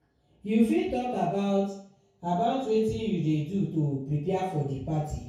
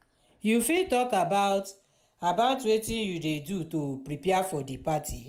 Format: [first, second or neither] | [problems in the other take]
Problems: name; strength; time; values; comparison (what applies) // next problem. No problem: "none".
second | room echo; dies away in 0.6 s